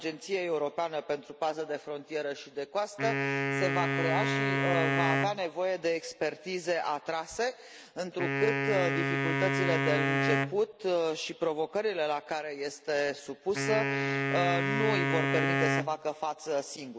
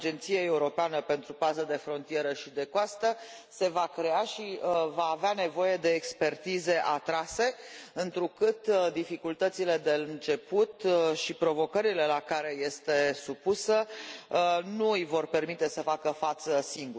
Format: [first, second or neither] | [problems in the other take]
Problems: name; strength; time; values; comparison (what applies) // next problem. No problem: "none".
second | background sound (Wind instrument, woodwind instrument); 1 dB above the speech